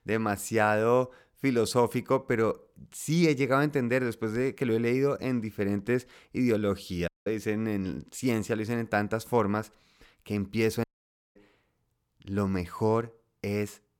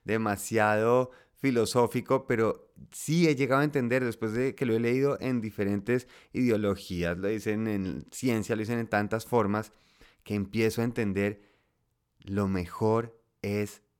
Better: second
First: audio cutting out; at 7 s and at 11 s for 0.5 s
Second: none

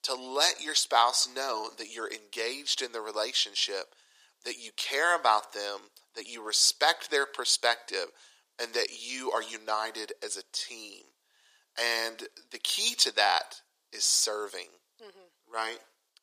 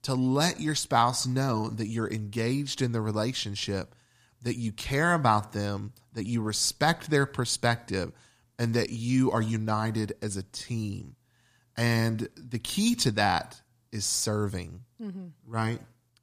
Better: second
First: thin; very; fading below 400 Hz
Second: none

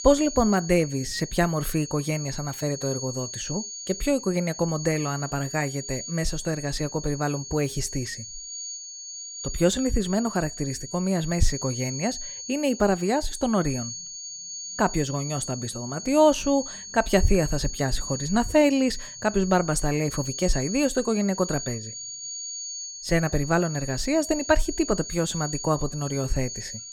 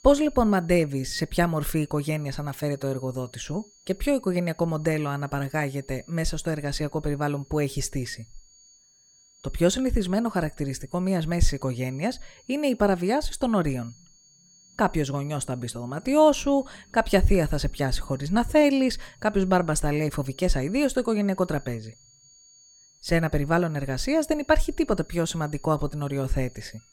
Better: second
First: high-pitched whine; loud; throughout; 6.5 kHz, 9 dB below the speech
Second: high-pitched whine; faint; throughout; 6.5 kHz, 30 dB below the speech

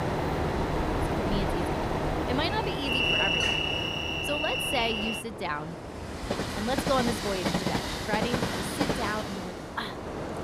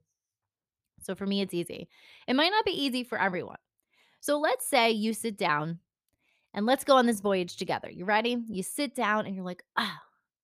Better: second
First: train or aircraft noise; very loud; throughout; 4 dB above the speech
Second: none

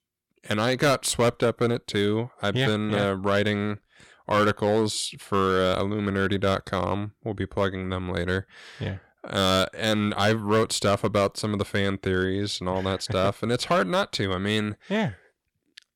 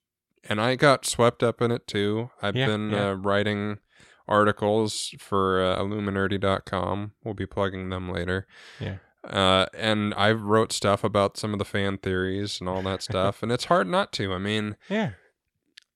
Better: second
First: distortion; slight; 5% of the sound clipped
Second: none

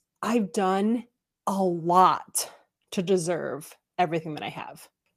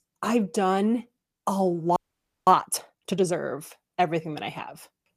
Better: first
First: none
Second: audio freezing; at 2 s for 0.5 s

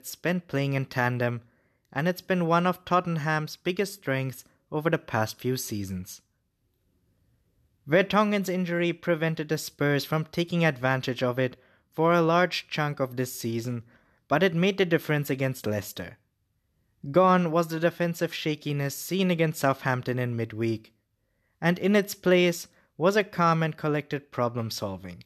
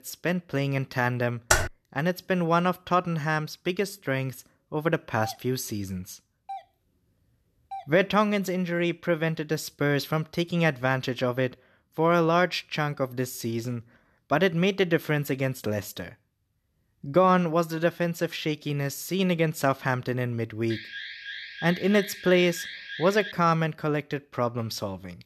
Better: first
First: none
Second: keyboard typing; loud; at 1.5 s; peak 3 dB above the speech // doorbell; faint; from 5 to 8 s; peak 15 dB below the speech // alarm; noticeable; from 21 to 23 s; peak 9 dB below the speech

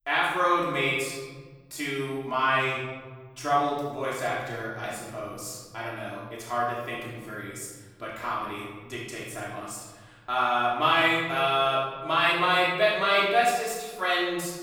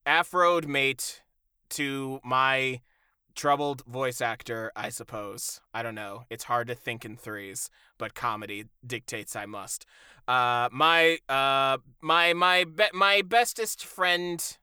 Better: second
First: off-mic speech; far // room echo; noticeable; dies away in 1.6 s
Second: none

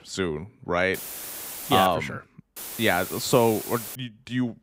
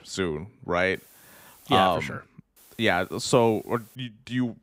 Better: second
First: hiss; loud; at 1 s and from 2.5 to 4 s; 10 dB below the speech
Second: hiss; faint; at 1 s and from 2.5 to 4 s; 25 dB below the speech

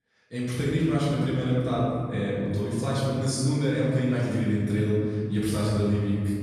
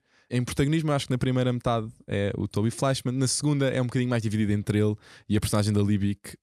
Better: second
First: room echo; strong; dies away in 2.3 s // off-mic speech; far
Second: none

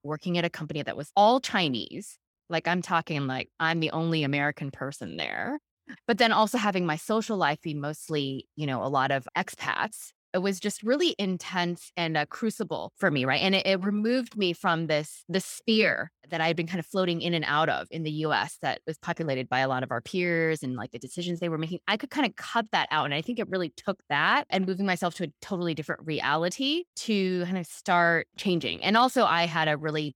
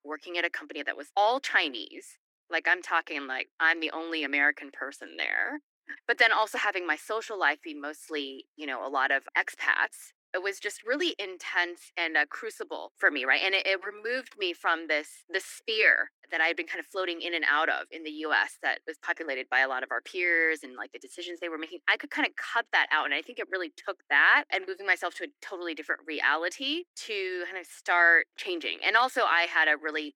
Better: first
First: none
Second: thin; very; fading below 300 Hz

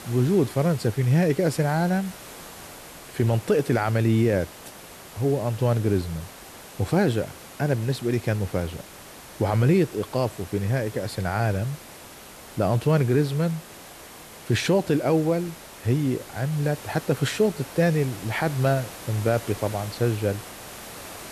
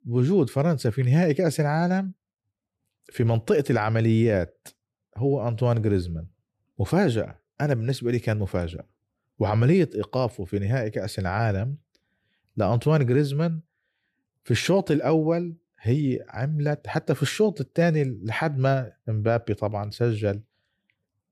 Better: second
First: hiss; noticeable; throughout; 15 dB below the speech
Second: none

